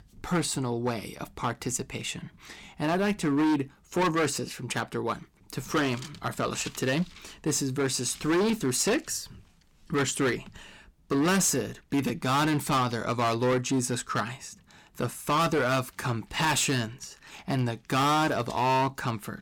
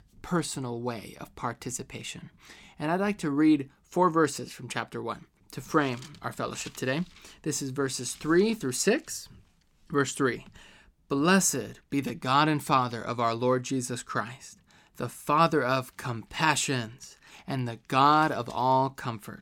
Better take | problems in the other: second | distortion; heavy; 11% of the sound clipped

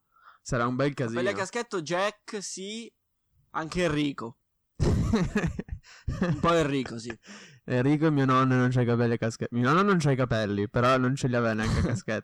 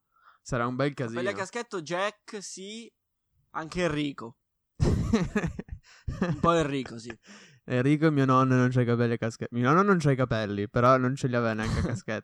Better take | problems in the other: second | distortion; slight; 10 dB below the speech

